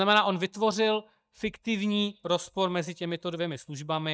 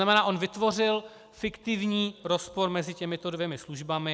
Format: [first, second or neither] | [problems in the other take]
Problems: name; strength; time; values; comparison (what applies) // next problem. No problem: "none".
second | noise reduction (neural mask model DeepFilterNet 3)